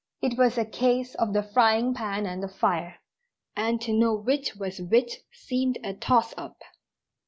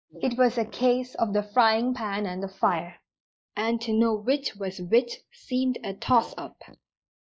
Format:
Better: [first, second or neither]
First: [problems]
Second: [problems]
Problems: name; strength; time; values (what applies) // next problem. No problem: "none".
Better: first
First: none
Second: noise reduction (neural mask model Resemble Enhance denoiser)